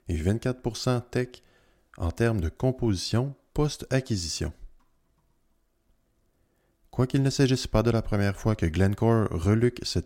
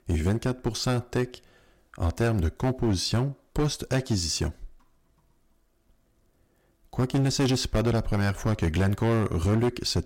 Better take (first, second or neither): first